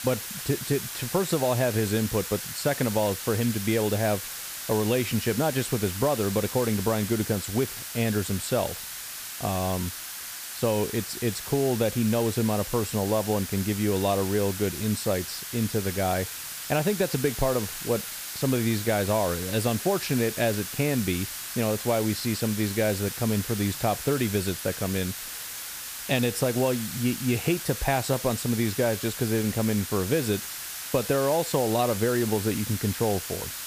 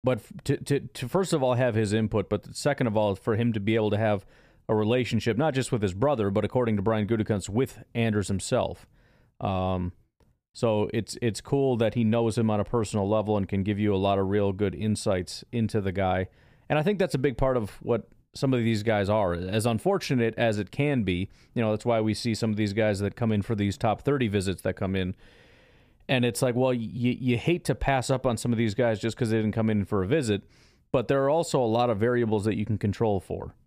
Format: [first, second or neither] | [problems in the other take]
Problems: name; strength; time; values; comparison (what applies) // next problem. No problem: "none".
second | hiss; loud; throughout; 6 dB below the speech